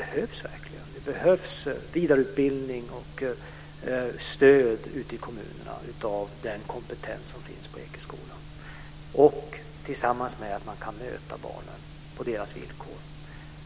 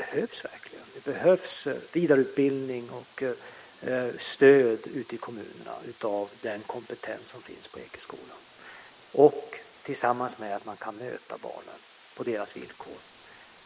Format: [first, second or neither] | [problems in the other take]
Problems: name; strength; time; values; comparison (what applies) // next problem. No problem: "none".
first | noise reduction (neural mask model Resemble Enhance denoiser)